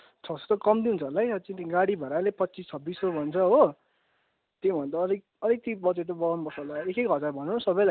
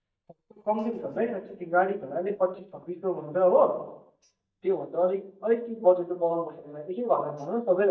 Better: first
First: none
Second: noise reduction (neural mask model DeepFilterNet 3)

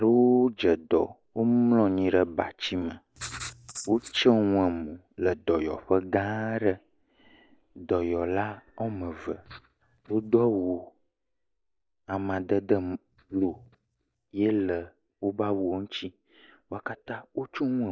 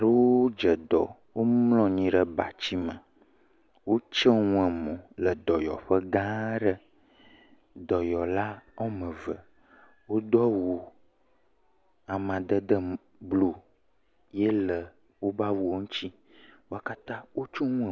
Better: second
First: noise reduction (neural mask model DeepFilterNet 3)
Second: none

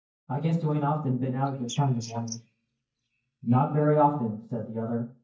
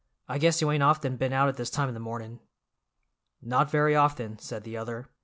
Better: second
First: noise reduction (neural mask model DeepFilterNet 3)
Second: none

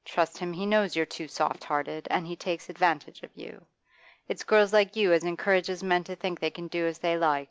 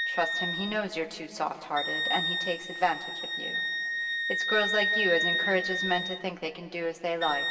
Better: first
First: none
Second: background sound (Wind instrument, woodwind instrument); as loud as the speech // room echo; dies away in 2.4 s

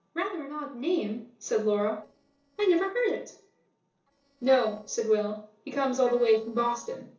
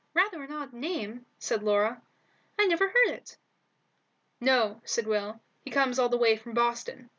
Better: second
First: noise reduction (neural separator model SepFormer DNS4)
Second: none

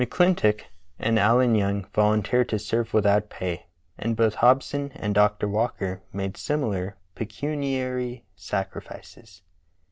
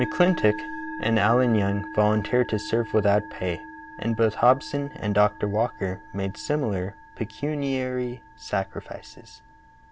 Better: first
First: none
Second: background sound (Musical instrument); 14 dB below the speech

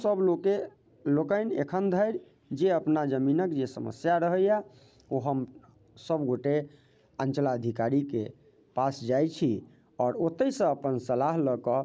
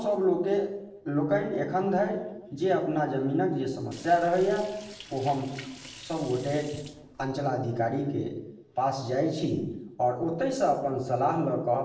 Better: first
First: none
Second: noise reduction (neural separator model SepFormer DNS4)

